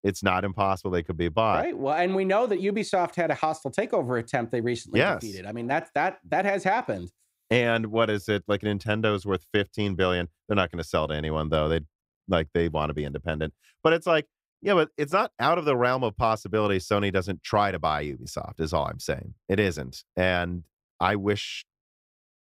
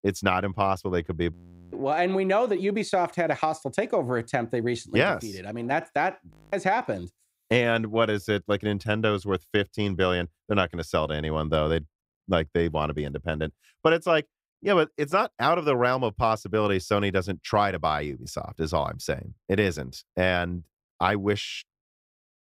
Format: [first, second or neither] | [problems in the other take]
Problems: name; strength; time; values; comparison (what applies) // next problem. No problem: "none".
first | audio freezing; at 1.5 s and at 6.5 s